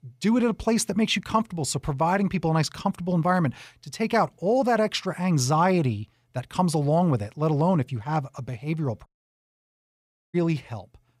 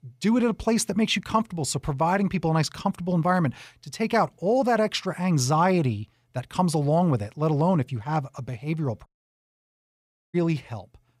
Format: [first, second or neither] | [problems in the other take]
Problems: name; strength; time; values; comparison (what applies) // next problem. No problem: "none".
neither | audio cutting out; at 9 s for 1.5 s; the same in both